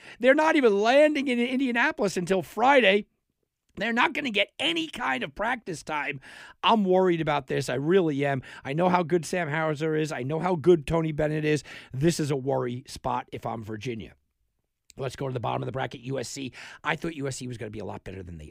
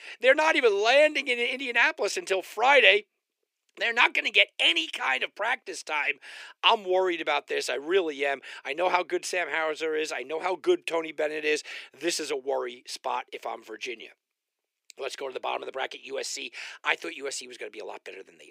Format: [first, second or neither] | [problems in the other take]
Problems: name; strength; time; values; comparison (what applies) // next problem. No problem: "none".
first | thin; very; fading below 400 Hz